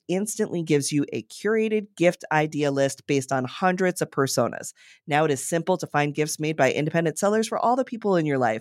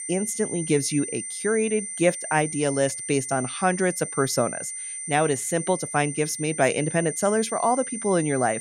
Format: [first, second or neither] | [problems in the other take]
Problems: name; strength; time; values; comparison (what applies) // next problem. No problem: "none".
first | high-pitched whine; loud; throughout; 9 kHz, 7 dB below the speech